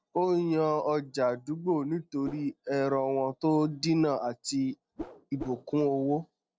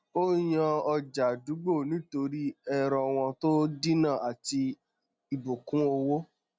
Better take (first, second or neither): second